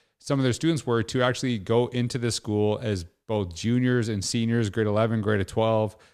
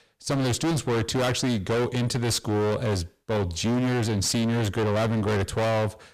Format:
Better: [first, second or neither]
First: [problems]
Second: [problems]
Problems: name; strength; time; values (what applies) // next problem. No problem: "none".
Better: first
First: none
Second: distortion; heavy; 33% of the sound clipped